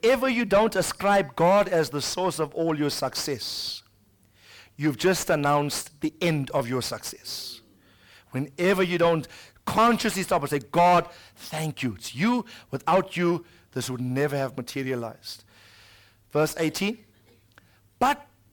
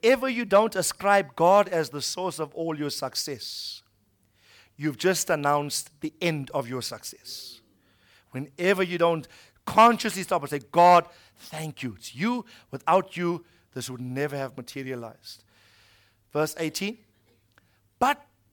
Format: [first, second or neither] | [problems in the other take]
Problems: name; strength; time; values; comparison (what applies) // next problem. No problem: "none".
second | distortion; heavy; 7 dB below the speech